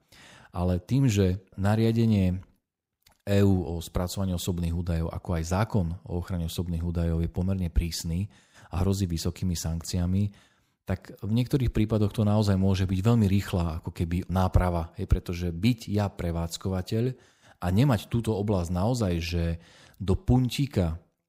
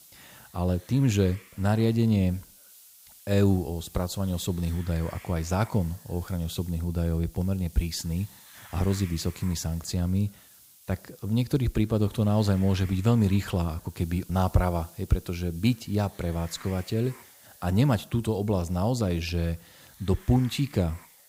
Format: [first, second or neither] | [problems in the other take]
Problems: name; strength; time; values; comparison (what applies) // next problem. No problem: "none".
first | hiss; faint; throughout; 20 dB below the speech